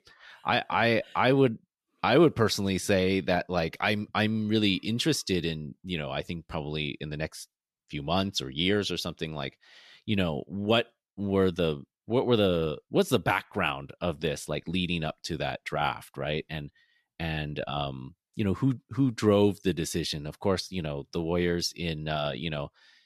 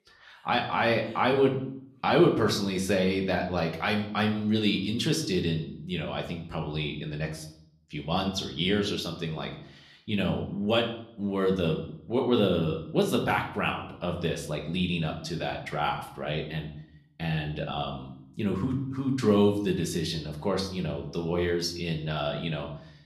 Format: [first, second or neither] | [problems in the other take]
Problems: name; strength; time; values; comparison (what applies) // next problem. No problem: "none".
first | room echo; slight; dies away in 0.6 s